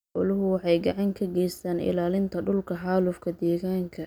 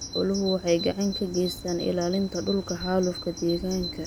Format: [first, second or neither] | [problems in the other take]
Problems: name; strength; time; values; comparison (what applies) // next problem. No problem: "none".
first | background sound (Bird vocalization, bird call, bird song); 10 dB below the speech